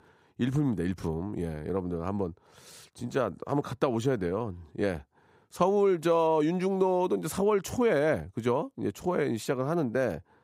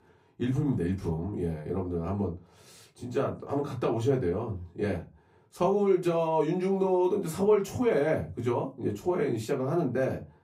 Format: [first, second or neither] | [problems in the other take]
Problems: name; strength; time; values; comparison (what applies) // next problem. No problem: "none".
first | off-mic speech; far // room echo; very slight; dies away in 0.2 s